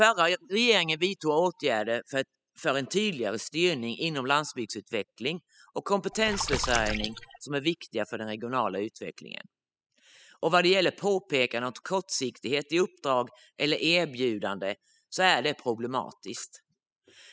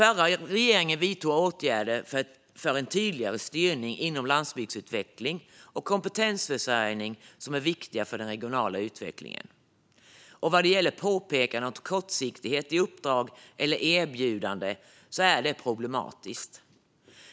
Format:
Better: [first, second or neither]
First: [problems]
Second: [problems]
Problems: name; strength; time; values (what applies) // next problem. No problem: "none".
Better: second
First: noise reduction (classical method spectral subtraction)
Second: none